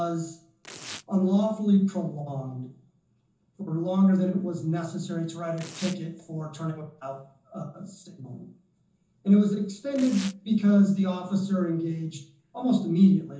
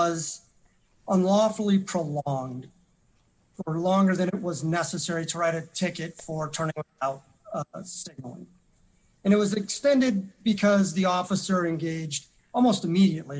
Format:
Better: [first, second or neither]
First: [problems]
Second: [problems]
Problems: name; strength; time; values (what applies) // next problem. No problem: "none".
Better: second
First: background sound (Tearing); 18 dB below the speech // room echo; dies away in 0.6 s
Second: none